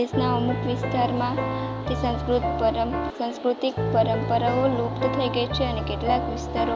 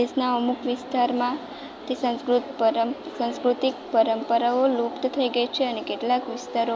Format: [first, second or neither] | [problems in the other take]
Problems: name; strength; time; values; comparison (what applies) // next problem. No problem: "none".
second | background sound (Piano); 2 dB below the speech